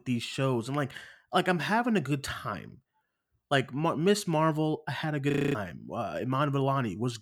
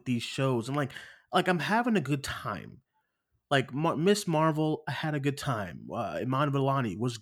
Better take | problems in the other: second | audio freezing; at 5.5 s

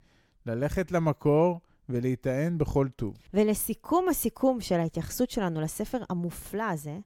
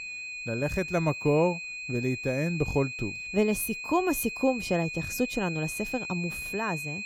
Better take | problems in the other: first | high-pitched whine; loud; throughout; 2.5 kHz, 5 dB below the speech

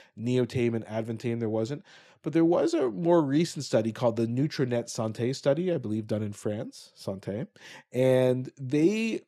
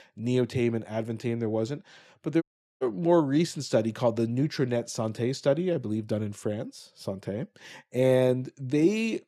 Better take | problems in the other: first | audio cutting out; at 2.5 s

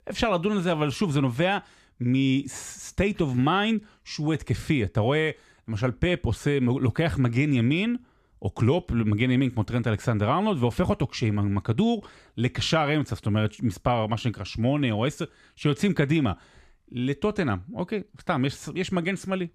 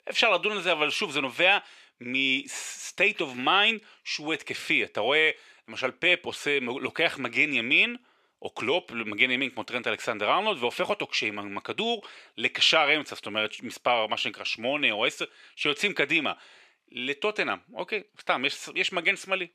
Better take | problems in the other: first | thin; very; fading below 500 Hz

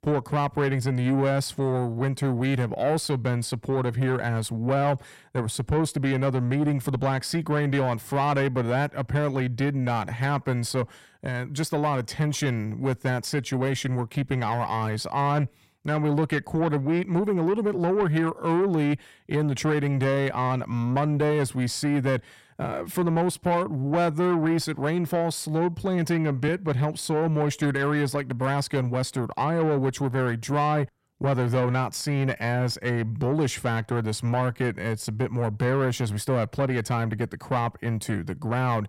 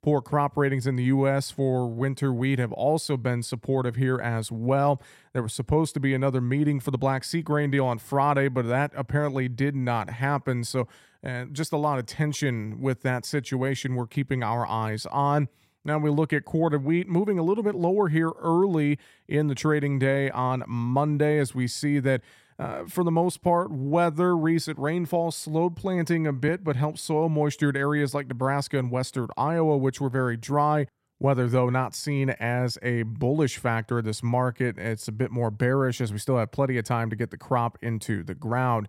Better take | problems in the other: second | distortion; slight; 10 dB below the speech

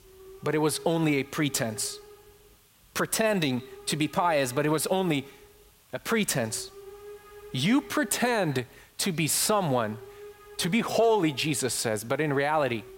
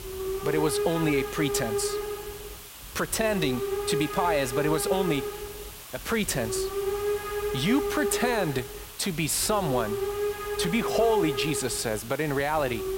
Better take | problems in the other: first | hiss; loud; throughout; 4 dB below the speech; faint in the first

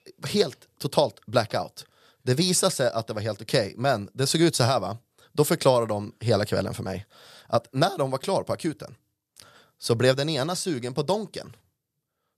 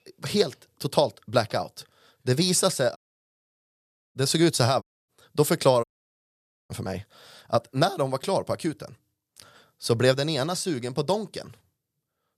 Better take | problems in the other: first | audio cutting out; at 3 s for 1 s, at 5 s and at 6 s for 1 s

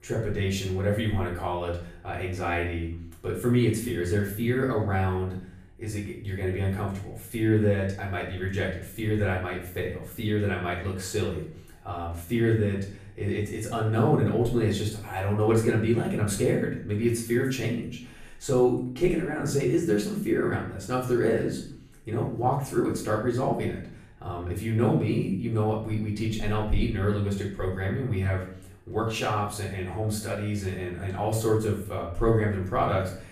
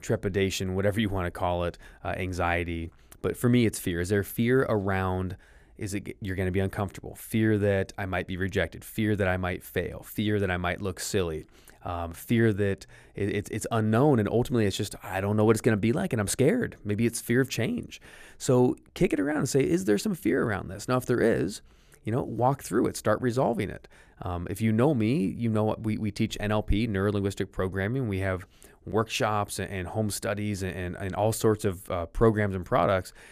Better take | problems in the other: second | off-mic speech; far // room echo; noticeable; dies away in 0.5 s

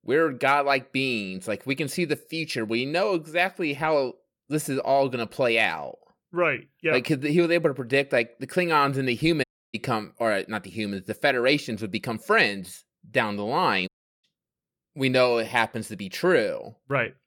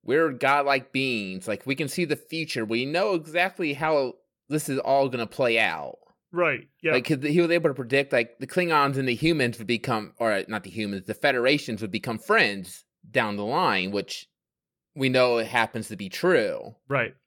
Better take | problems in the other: second | audio cutting out; at 9.5 s and at 14 s

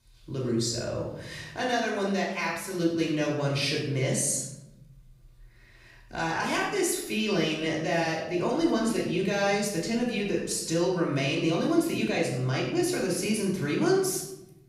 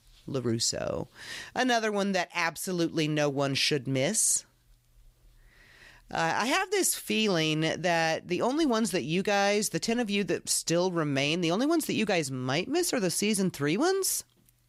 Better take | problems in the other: second | off-mic speech; far // room echo; noticeable; dies away in 1 s

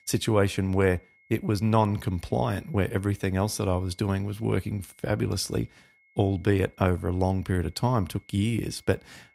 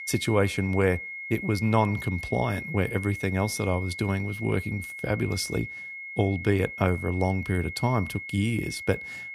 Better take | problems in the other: first | high-pitched whine; loud; throughout; 2 kHz, 8 dB below the speech; faint in the first

